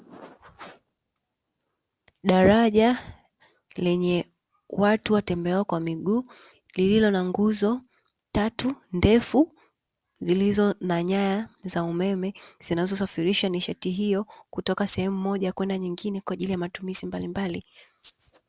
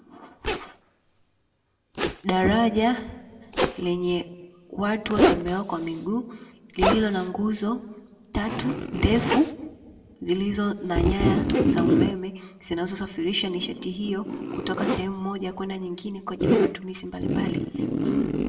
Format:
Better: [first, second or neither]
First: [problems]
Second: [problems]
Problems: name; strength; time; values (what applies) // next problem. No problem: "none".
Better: first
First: none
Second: background sound (Zipper (clothing)); as loud as the speech // room echo; dies away in 1 s